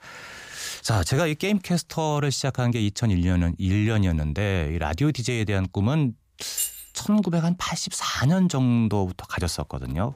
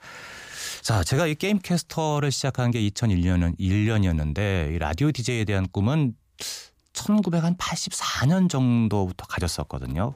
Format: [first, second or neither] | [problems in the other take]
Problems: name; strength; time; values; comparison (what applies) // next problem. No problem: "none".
second | jangling keys; noticeable; at 6.5 s; peak 3 dB below the speech